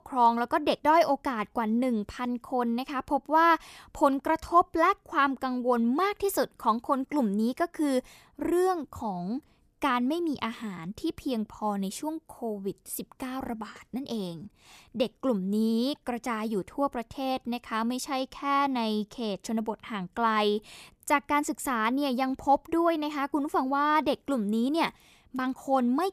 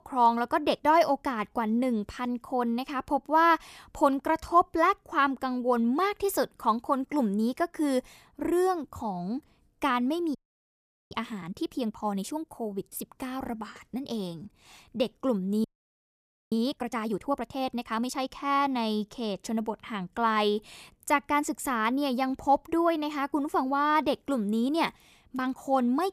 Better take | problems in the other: first | audio freezing; at 10 s for 1 s and at 16 s for 1 s

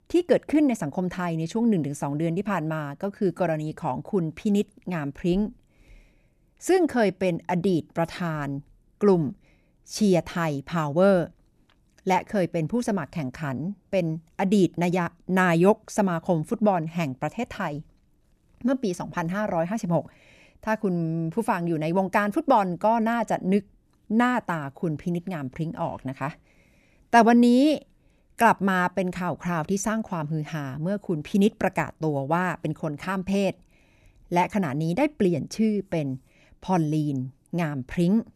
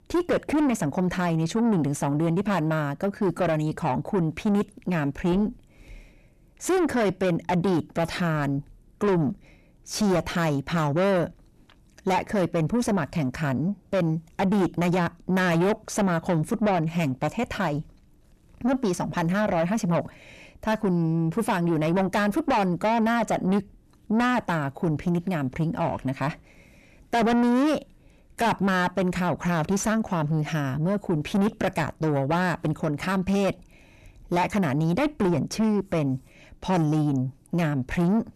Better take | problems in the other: first | distortion; heavy; 7 dB below the speech

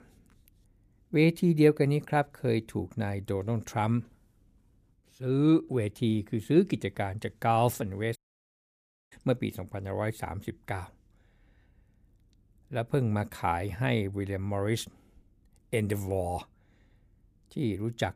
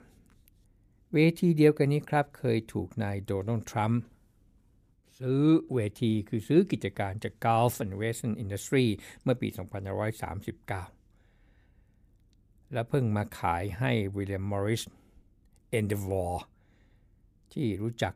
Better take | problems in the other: second | audio cutting out; at 8 s for 1 s

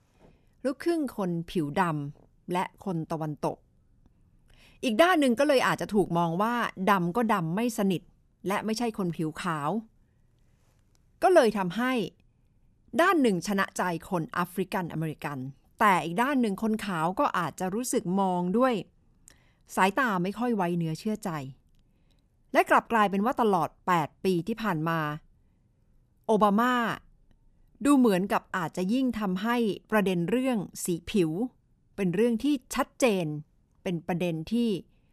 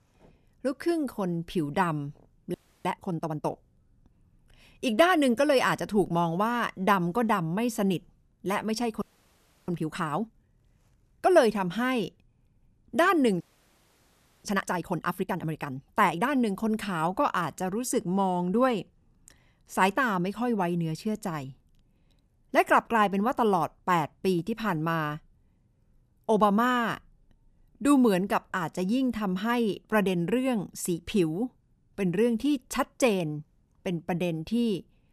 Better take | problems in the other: first | audio freezing; at 2.5 s, at 9 s for 0.5 s and at 13 s for 1 s

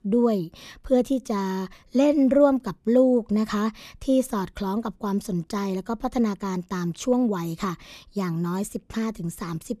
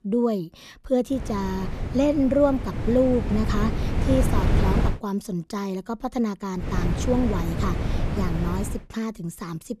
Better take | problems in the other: first | wind noise on the microphone; heavy; from 1 to 5 s and from 6.5 to 9 s; 6 dB below the speech

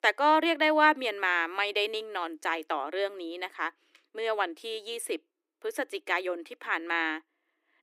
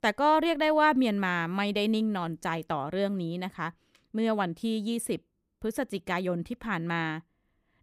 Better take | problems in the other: second | thin; very; fading below 300 Hz

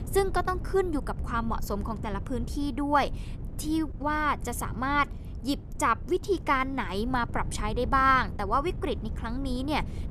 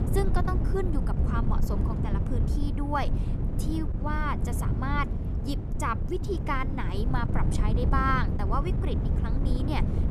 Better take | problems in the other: first | wind noise on the microphone; heavy; 7 dB below the speech; occasional gusts in the first

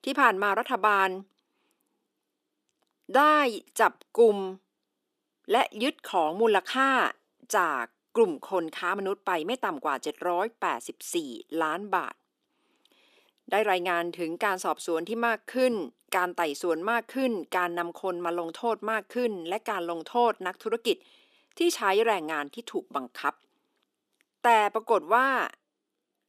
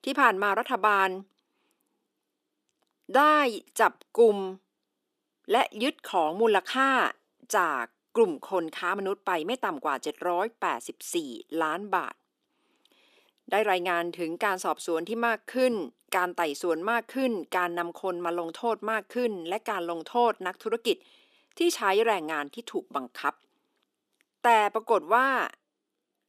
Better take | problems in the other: neither | thin; somewhat; fading below 350 Hz; the same in both

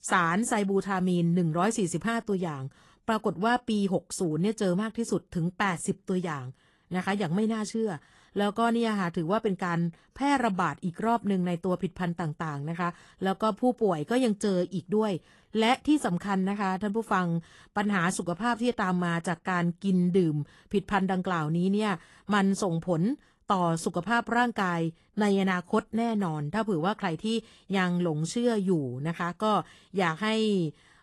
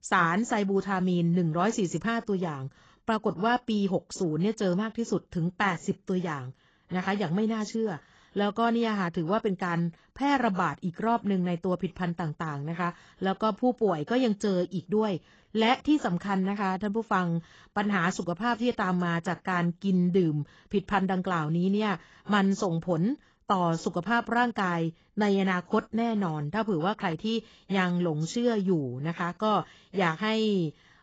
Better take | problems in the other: first | garbled, watery; badly; nothing above 7.5 kHz; slightly in the first

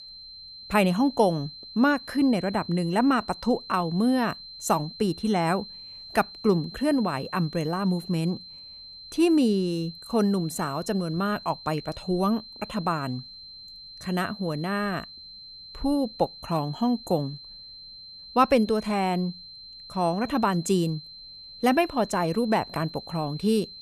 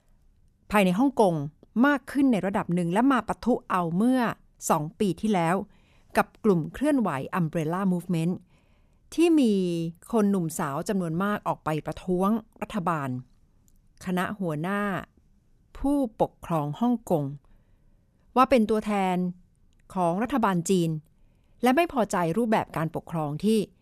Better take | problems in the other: second | high-pitched whine; noticeable; throughout; 4 kHz, 15 dB below the speech

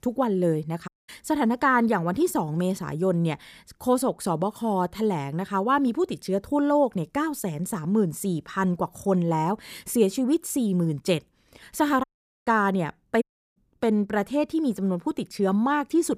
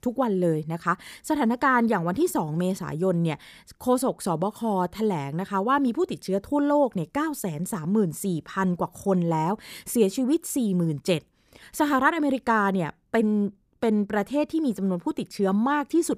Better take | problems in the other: second | audio cutting out; at 1 s, at 12 s and at 13 s

